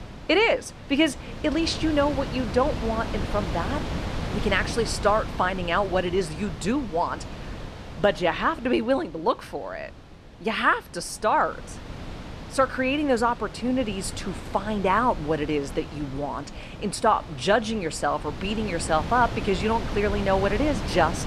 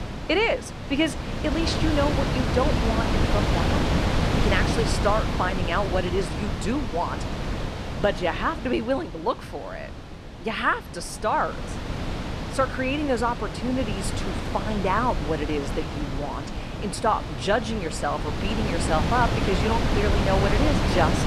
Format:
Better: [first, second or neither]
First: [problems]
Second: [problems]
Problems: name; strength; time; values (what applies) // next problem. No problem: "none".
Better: first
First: wind noise on the microphone; occasional gusts; 15 dB below the speech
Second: wind noise on the microphone; heavy; 4 dB below the speech